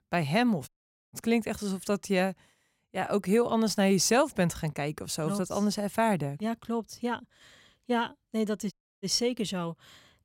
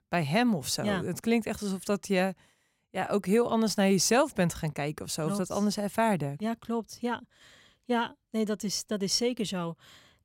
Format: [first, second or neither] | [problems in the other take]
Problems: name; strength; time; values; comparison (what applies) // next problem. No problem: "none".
second | audio cutting out; at 0.5 s and at 8.5 s